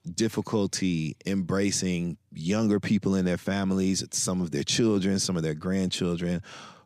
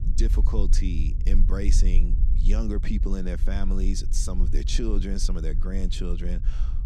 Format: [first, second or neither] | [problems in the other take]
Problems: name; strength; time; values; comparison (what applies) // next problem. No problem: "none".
first | low rumble; noticeable; throughout; 10 dB below the speech